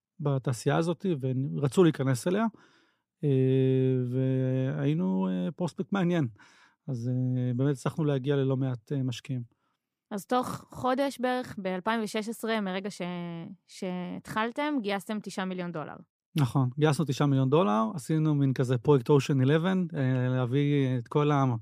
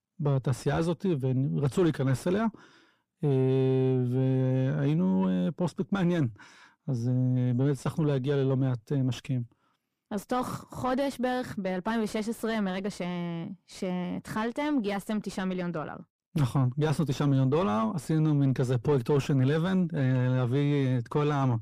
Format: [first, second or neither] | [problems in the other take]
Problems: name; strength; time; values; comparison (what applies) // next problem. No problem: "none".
first | distortion; slight; 10 dB below the speech